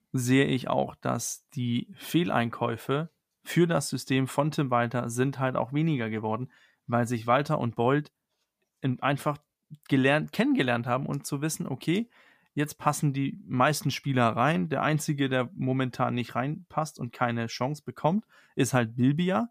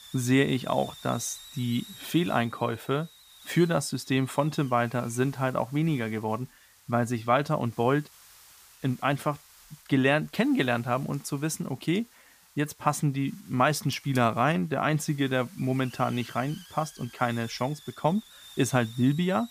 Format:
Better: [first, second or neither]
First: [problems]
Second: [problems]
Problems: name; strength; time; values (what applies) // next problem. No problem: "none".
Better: first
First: none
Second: hiss; faint; throughout; 20 dB below the speech